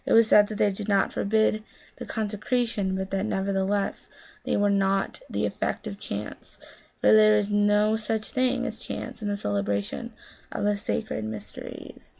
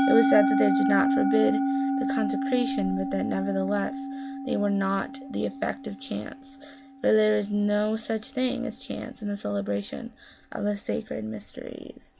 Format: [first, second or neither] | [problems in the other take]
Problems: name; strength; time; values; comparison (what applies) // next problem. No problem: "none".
first | background sound (Musical instrument); 2 dB below the speech